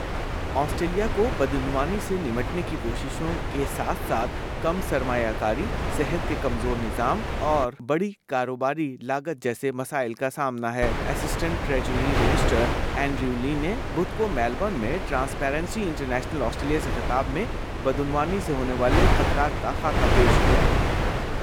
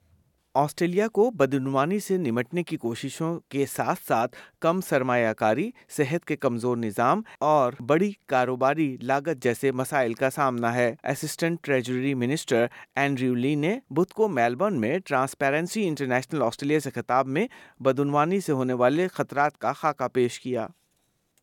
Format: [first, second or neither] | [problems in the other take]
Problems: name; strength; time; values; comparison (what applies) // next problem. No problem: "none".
second | wind noise on the microphone; heavy; until 7.5 s and from 11 s on; 2 dB below the speech